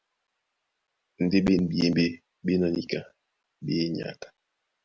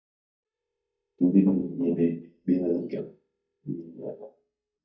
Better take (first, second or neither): first